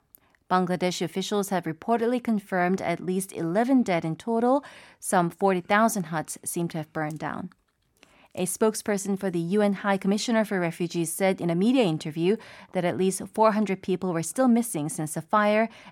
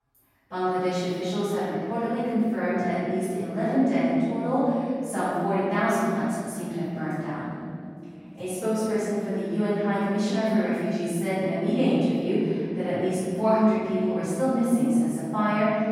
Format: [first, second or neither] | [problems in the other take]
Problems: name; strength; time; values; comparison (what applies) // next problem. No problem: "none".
first | off-mic speech; far // room echo; strong; dies away in 3 s